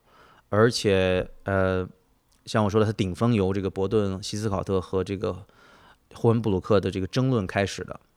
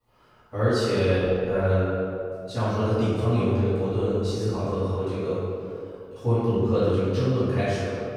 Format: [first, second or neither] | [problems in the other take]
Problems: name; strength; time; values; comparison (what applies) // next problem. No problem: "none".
first | room echo; strong; dies away in 2.3 s // off-mic speech; far